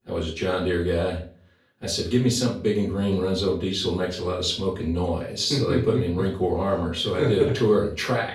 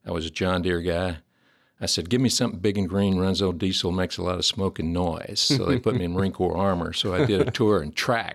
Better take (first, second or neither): second